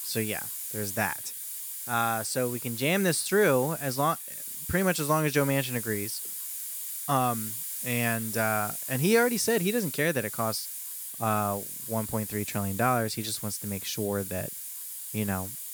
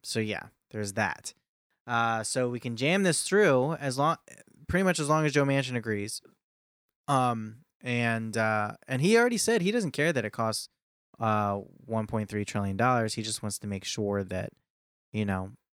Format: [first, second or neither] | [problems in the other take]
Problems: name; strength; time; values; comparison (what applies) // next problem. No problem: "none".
second | hiss; loud; throughout; 6 dB below the speech